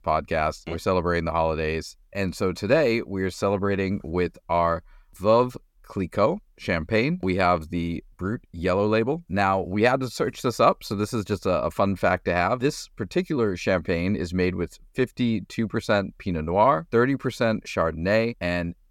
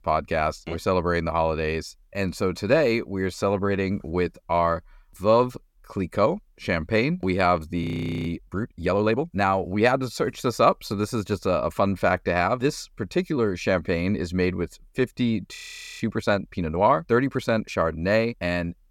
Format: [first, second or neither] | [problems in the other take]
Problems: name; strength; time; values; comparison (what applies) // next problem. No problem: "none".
first | audio freezing; at 8 s and at 16 s